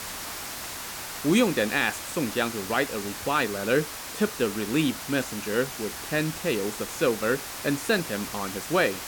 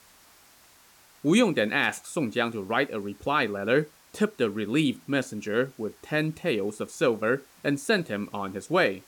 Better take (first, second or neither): second